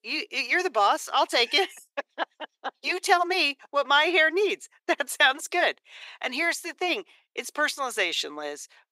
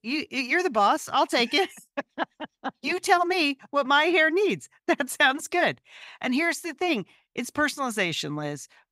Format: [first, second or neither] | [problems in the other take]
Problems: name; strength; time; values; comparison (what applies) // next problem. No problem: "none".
second | thin; somewhat; fading below 400 Hz